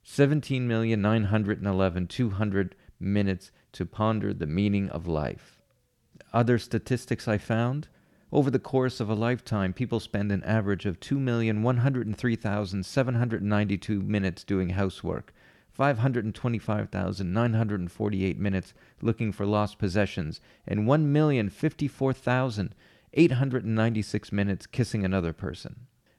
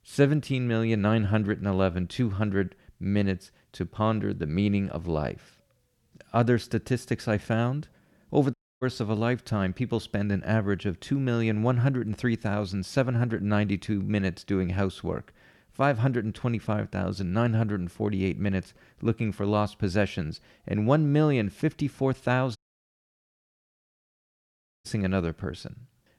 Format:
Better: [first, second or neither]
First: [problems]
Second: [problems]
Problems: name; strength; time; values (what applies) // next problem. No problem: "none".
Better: first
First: none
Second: audio cutting out; at 8.5 s and at 23 s for 2.5 s